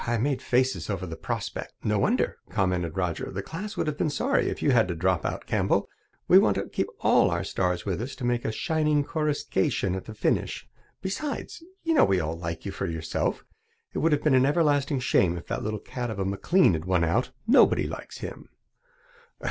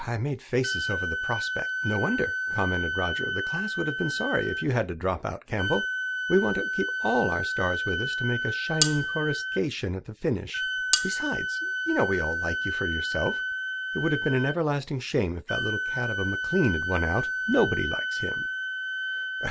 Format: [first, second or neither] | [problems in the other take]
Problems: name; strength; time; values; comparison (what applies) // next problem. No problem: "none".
first | background sound (Cutlery, silverware + Wind instrument, woodwind instrument); 1 dB below the speech